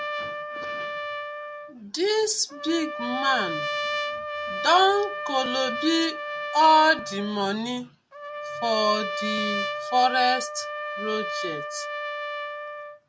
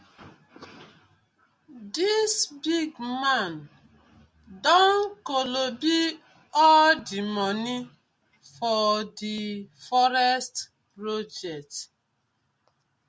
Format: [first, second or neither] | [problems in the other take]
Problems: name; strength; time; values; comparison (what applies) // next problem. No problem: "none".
second | background sound (Trumpet); 6 dB below the speech